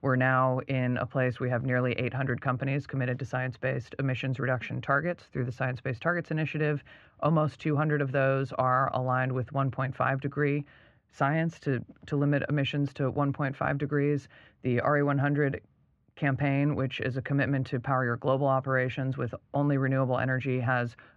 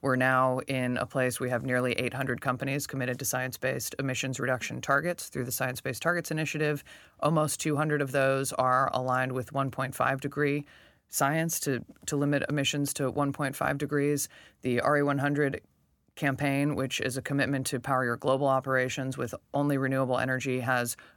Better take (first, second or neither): second